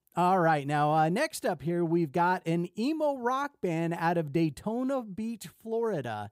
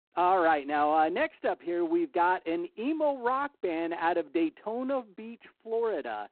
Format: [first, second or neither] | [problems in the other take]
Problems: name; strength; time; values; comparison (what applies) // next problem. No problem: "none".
first | phone-call audio; poor line; nothing above 4 kHz